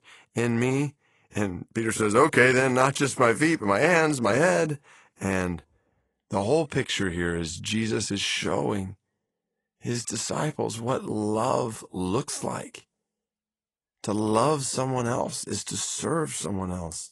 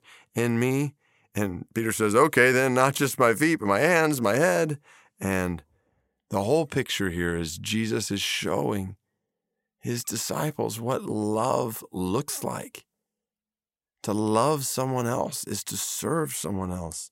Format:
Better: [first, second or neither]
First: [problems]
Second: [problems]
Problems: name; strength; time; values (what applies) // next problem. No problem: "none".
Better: second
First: garbled, watery; slightly; nothing above 10.5 kHz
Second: none